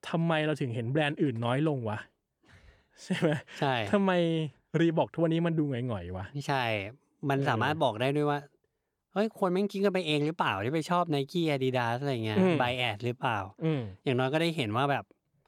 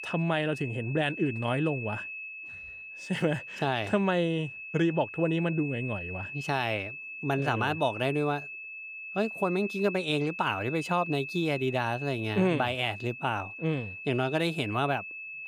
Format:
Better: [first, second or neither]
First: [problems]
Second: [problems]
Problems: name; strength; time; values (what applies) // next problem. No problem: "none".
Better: first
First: none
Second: high-pitched whine; loud; throughout; 2.5 kHz, 9 dB below the speech